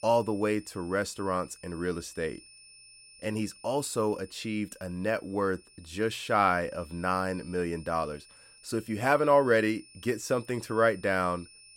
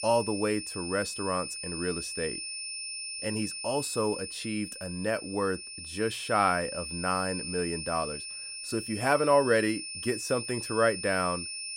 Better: first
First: high-pitched whine; faint; throughout; 5.5 kHz, 25 dB below the speech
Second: high-pitched whine; loud; throughout; 5.5 kHz, 6 dB below the speech

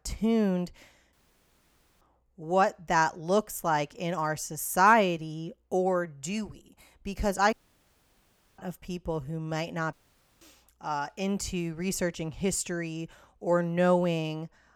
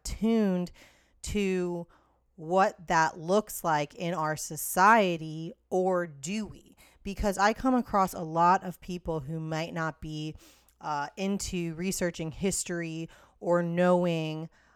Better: second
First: audio cutting out; at 1 s for 1 s, at 7.5 s for 1 s and at 10 s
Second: none

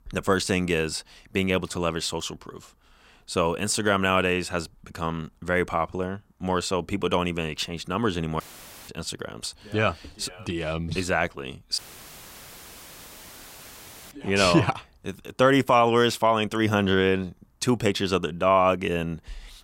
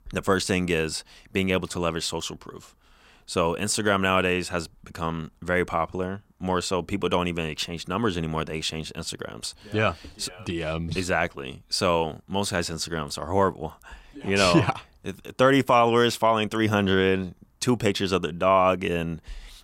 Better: second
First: audio cutting out; filled with static; at 8.5 s and at 12 s for 2.5 s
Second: none

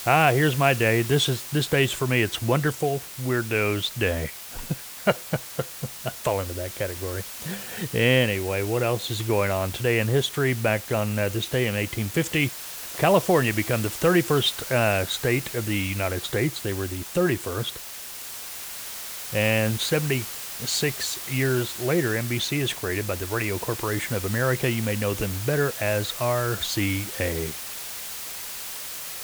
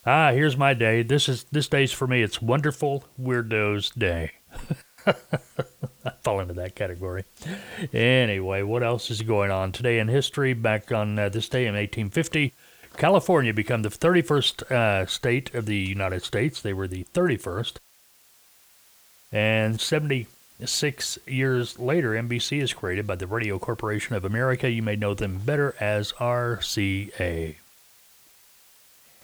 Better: second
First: hiss; loud; throughout; 8 dB below the speech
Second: hiss; faint; throughout; 30 dB below the speech

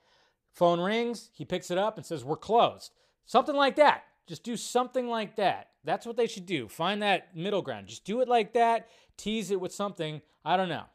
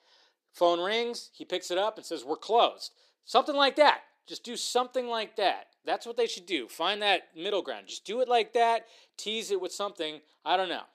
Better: first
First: none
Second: thin; very slightly; fading below 300 Hz

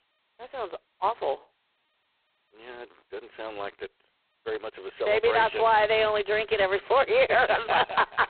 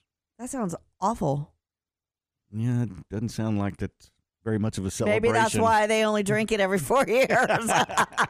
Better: second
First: phone-call audio; poor line; nothing above 4 kHz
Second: none

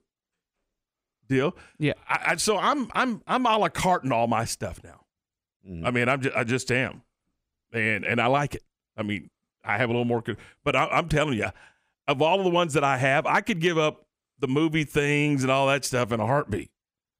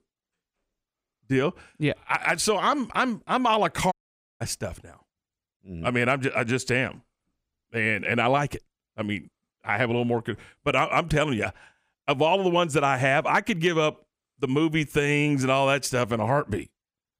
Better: first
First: none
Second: audio cutting out; at 4 s

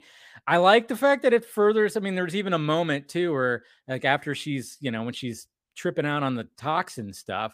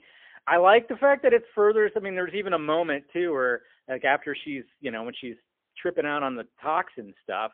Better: first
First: none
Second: phone-call audio; poor line; nothing above 3.5 kHz

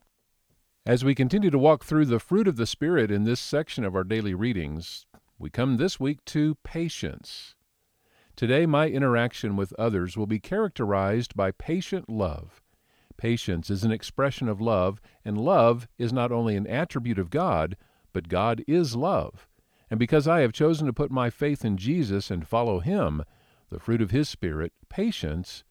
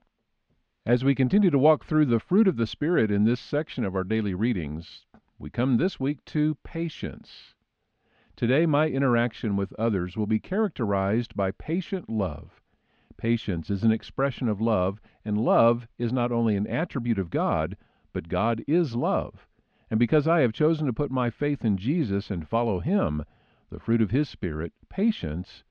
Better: first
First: none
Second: muffled; slightly; fading above 3.5 kHz

